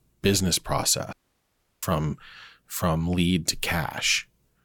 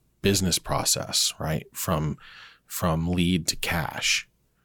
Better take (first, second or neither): second